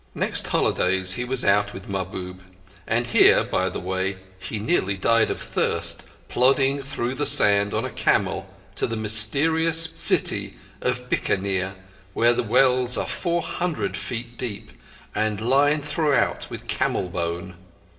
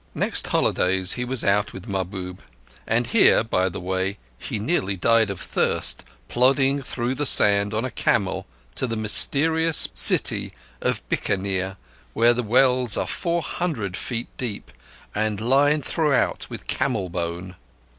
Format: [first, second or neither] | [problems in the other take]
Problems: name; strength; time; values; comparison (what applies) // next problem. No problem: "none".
second | room echo; dies away in 0.8 s